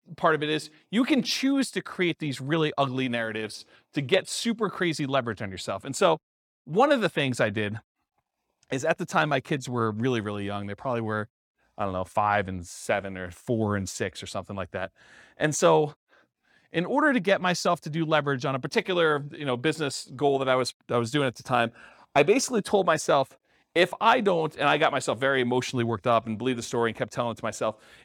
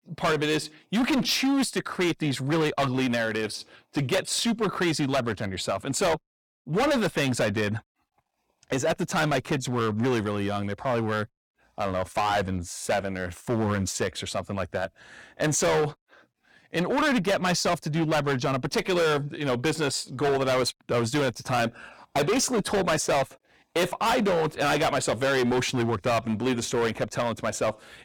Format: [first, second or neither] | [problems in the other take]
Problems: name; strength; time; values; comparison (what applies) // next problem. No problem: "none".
first | distortion; heavy; 15% of the sound clipped